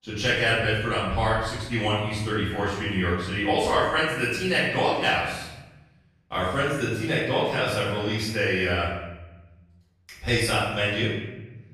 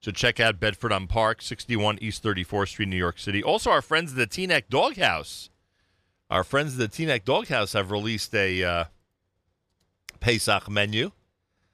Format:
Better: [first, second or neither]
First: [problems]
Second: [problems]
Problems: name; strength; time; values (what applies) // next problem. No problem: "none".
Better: second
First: room echo; strong; dies away in 1 s // off-mic speech; far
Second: none